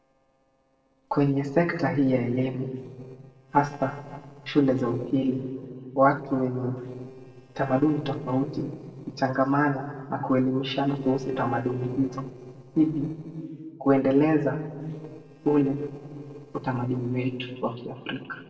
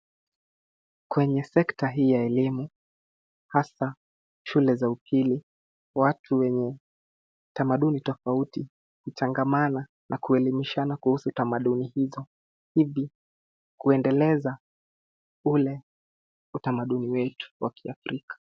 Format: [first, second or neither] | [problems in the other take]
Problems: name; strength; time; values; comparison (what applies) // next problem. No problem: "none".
second | noise reduction (neural separator model SepFormer DNS4)